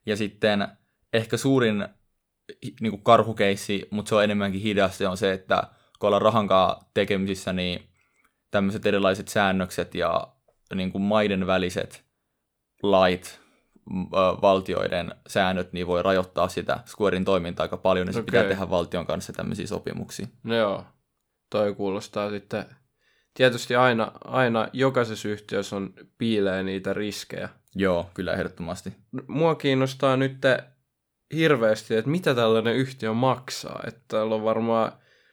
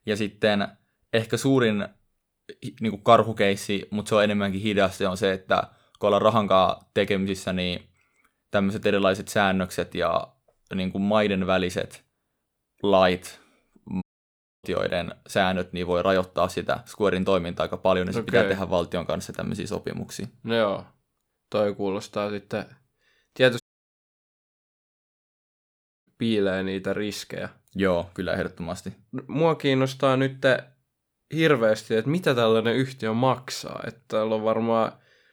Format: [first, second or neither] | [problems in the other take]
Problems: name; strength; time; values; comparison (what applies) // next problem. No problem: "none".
first | audio cutting out; at 14 s for 0.5 s and at 24 s for 2.5 s